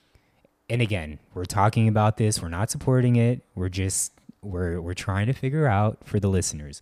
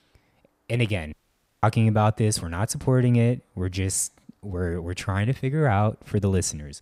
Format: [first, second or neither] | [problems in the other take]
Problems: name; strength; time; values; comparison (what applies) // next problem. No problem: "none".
first | audio cutting out; at 1 s for 0.5 s